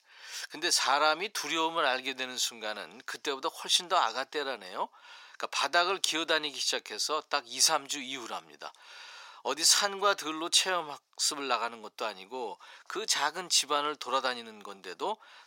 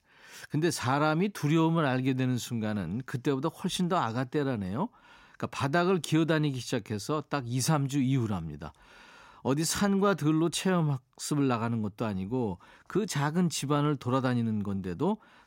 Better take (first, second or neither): second